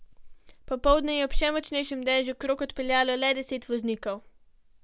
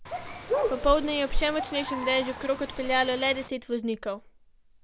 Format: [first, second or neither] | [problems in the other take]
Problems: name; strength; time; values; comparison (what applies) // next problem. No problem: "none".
first | background sound (Bird); 7 dB below the speech